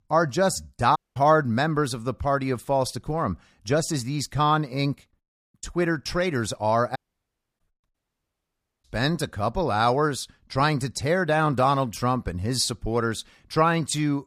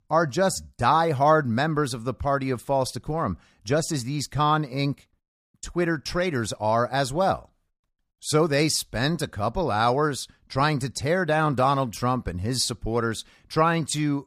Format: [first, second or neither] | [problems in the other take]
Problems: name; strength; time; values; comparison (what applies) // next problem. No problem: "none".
second | audio cutting out; at 1 s, at 7 s for 0.5 s and at 8 s for 1 s